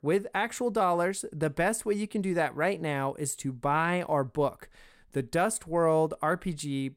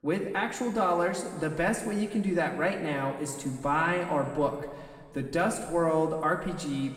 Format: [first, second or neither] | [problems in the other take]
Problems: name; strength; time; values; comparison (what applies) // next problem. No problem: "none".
first | room echo; noticeable; dies away in 2.2 s // off-mic speech; far